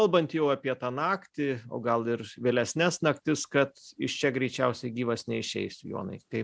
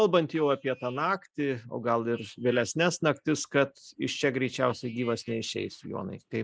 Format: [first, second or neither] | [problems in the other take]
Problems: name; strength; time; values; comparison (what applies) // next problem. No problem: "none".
first | noise reduction (neural mask model Resemble Enhance denoiser)